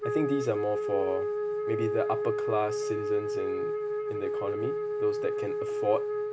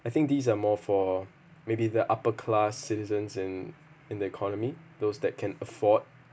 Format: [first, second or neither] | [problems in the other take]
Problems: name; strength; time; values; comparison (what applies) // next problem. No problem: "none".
second | background sound (Wind instrument, woodwind instrument); 2 dB above the speech